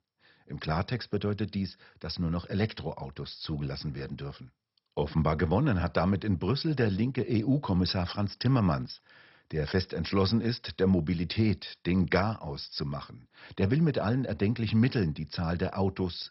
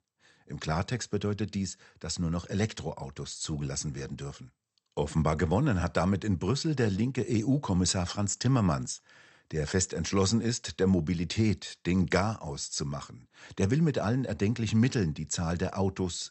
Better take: second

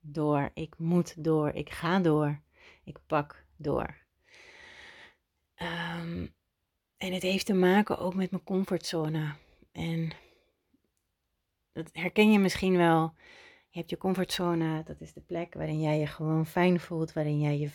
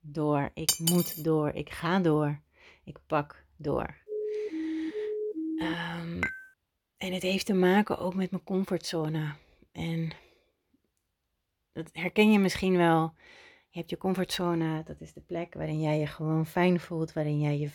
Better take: first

